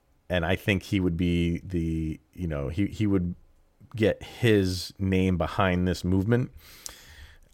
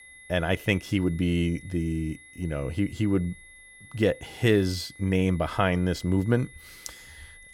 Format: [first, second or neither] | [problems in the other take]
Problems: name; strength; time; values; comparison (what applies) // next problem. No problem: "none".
first | high-pitched whine; faint; throughout; 2 kHz, 20 dB below the speech